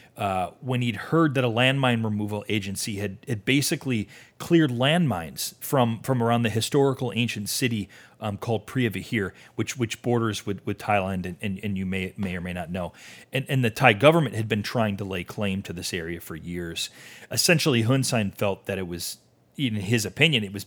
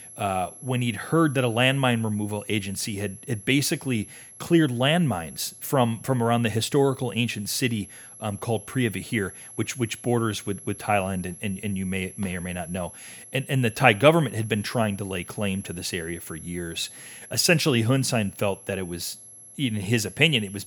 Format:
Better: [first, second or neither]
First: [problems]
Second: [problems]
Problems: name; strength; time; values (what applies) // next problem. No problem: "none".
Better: first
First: none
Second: high-pitched whine; noticeable; throughout; 11 kHz, 15 dB below the speech